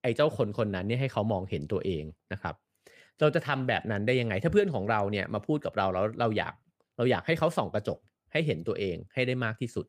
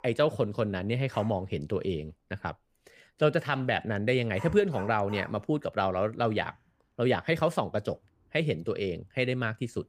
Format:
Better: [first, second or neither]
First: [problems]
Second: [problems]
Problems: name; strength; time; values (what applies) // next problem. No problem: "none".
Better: first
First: none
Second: animal sounds; noticeable; throughout; 15 dB below the speech